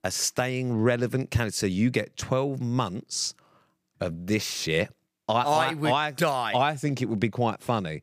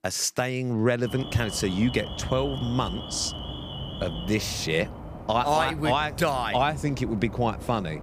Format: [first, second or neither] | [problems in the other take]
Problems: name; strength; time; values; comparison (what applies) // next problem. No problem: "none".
first | alarm; noticeable; from 1 s on; peak 8 dB below the speech